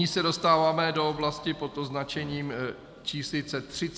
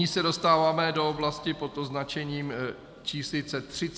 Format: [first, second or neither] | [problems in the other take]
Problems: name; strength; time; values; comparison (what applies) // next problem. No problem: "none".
second | background sound (Fart); 18 dB below the speech